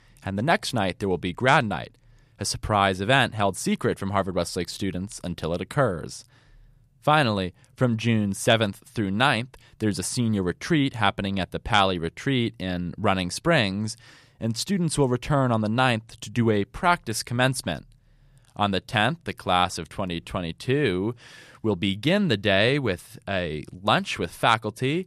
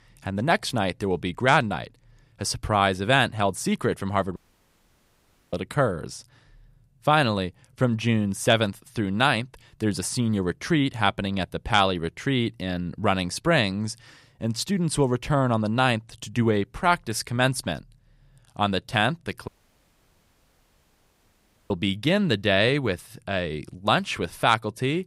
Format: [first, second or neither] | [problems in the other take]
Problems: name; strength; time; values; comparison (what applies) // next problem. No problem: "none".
first | audio cutting out; at 4.5 s for 1 s and at 19 s for 2 s